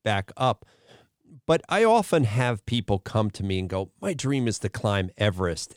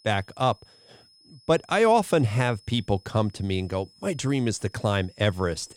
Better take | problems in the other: first | high-pitched whine; faint; throughout; 5 kHz, 30 dB below the speech

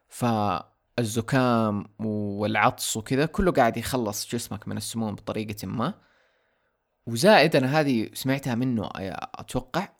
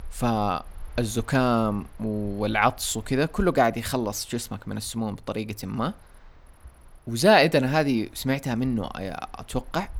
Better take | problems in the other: first | animal sounds; faint; throughout; 25 dB below the speech

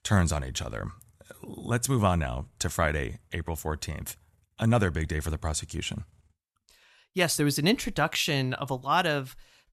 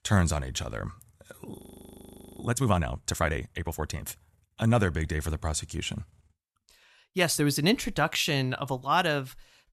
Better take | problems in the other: first | audio freezing; at 1.5 s for 1 s

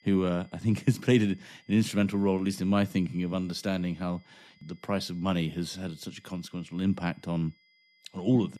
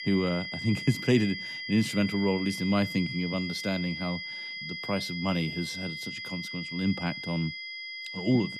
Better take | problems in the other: first | high-pitched whine; loud; throughout; 2 kHz, 6 dB below the speech; faint in the first

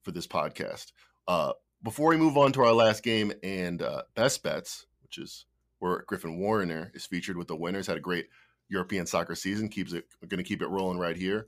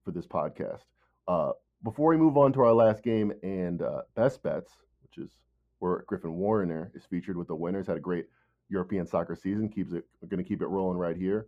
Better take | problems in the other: first | muffled; very; fading above 2 kHz

